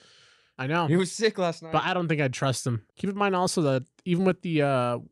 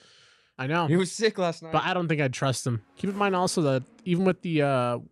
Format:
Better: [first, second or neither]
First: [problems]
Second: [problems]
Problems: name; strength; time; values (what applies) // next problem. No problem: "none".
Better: first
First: none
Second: traffic noise; faint; throughout; 25 dB below the speech